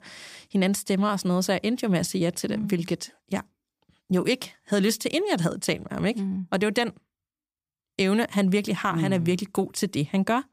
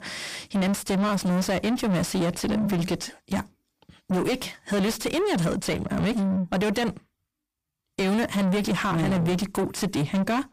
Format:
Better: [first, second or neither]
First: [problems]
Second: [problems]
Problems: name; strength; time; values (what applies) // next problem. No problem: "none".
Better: first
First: none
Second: distortion; heavy; 6 dB below the speech